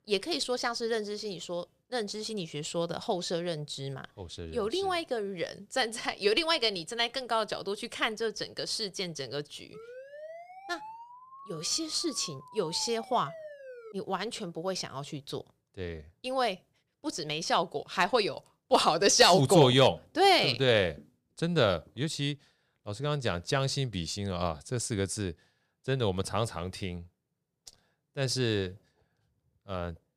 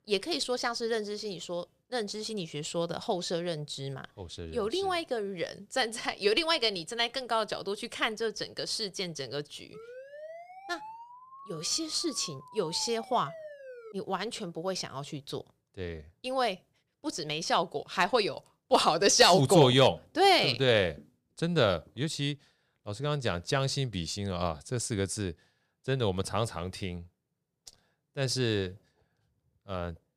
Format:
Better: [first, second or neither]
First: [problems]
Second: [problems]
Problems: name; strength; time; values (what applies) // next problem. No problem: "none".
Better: neither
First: siren; faint; from 9.5 to 14 s; peak 15 dB below the speech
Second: siren; faint; from 9.5 to 14 s; peak 15 dB below the speech